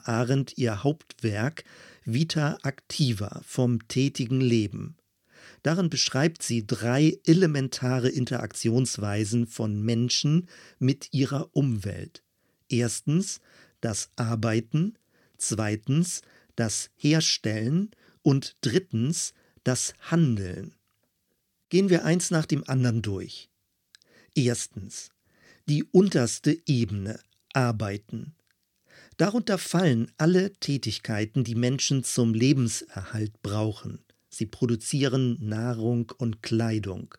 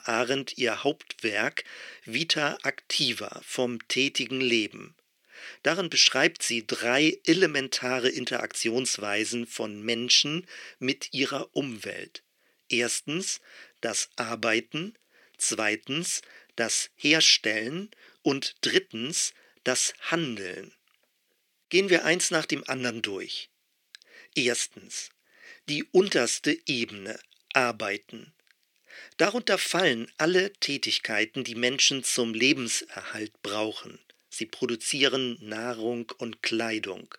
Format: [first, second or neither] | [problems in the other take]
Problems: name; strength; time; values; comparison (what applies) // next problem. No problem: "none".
first | thin; somewhat; fading below 400 Hz